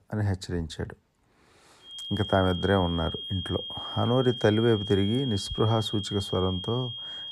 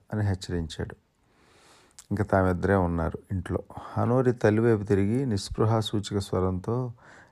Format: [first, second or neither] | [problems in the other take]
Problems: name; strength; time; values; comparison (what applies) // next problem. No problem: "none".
second | high-pitched whine; loud; from 2 s on; 3 kHz, 7 dB below the speech